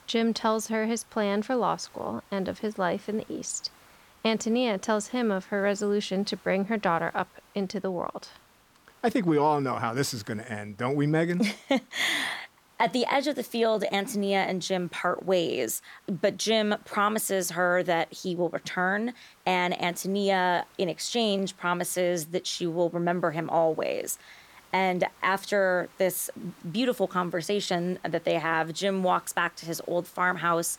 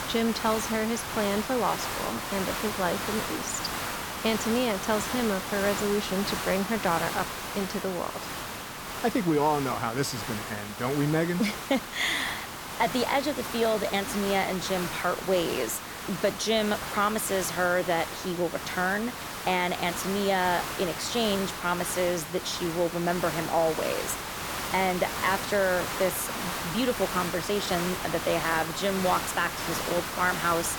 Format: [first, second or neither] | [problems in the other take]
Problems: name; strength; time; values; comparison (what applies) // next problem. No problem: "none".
first | hiss; loud; throughout; 5 dB below the speech; faint in the first